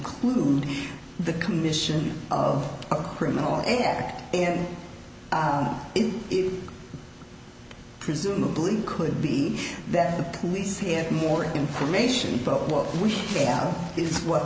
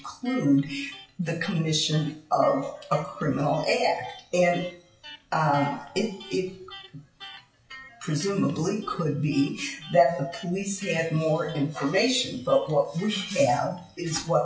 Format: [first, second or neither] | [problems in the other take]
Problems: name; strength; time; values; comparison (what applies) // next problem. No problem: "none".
first | noise reduction (classical method WPE with log-MMSE)